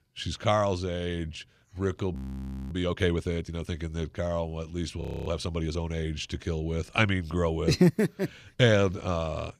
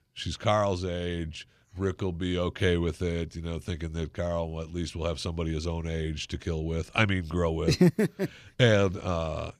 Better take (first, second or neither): second